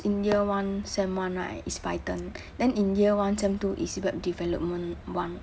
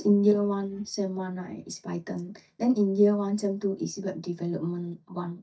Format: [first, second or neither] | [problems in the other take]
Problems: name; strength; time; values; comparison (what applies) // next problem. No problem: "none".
first | noise reduction (neural mask model DeepFilterNet 3)